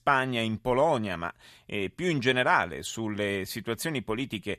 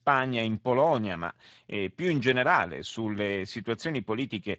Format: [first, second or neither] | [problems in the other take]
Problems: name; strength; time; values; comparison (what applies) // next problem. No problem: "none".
first | garbled, watery; slightly; nothing above 7.5 kHz